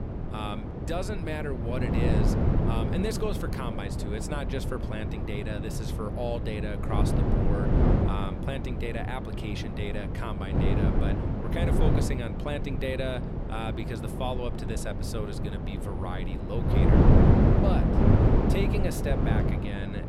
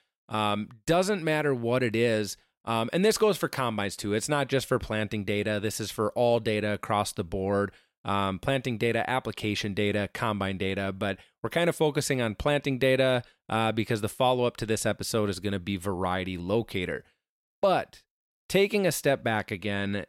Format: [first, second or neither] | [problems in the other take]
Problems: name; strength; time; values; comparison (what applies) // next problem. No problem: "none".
second | wind noise on the microphone; heavy; 2 dB above the speech